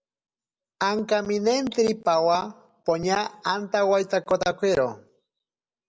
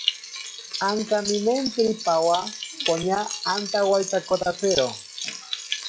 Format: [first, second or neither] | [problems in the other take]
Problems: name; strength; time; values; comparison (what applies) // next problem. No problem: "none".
first | noise reduction (classical method log-MMSE)